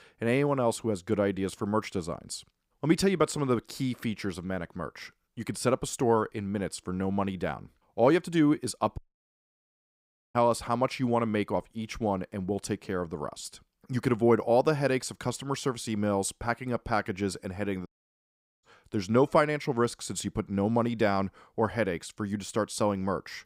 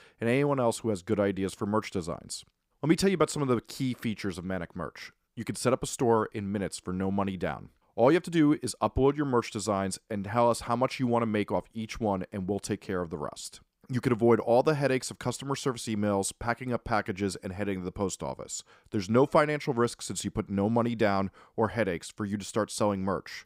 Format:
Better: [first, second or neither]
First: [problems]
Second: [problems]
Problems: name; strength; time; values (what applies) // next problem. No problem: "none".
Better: second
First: audio cutting out; at 9 s for 1.5 s and at 18 s for 1 s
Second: none